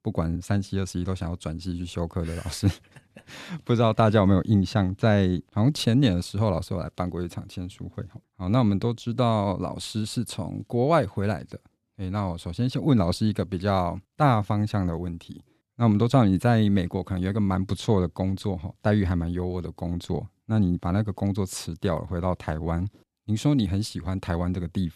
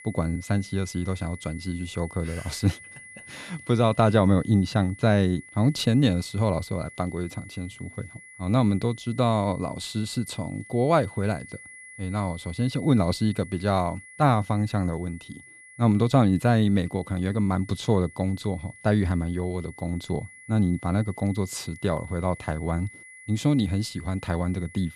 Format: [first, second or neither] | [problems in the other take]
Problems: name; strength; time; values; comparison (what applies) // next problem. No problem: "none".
first | high-pitched whine; noticeable; throughout; 2 kHz, 20 dB below the speech